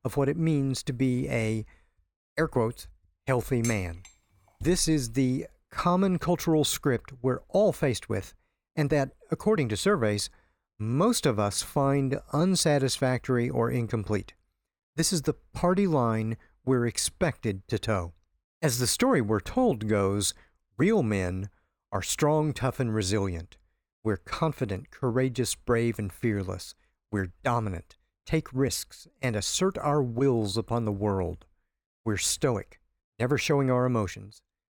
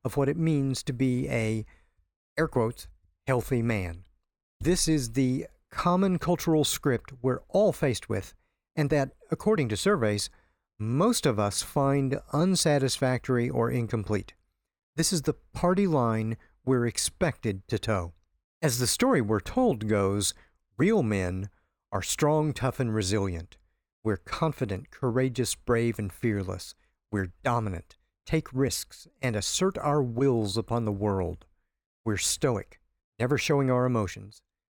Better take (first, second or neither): second